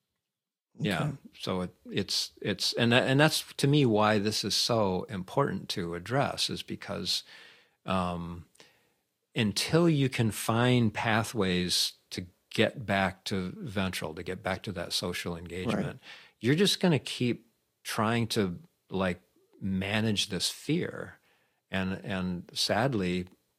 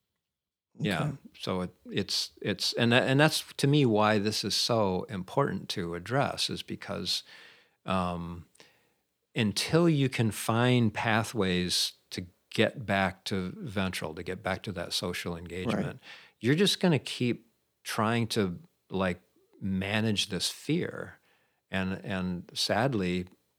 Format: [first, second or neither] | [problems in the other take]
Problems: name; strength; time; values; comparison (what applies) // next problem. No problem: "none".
second | garbled, watery; slightly; nothing above 14.5 kHz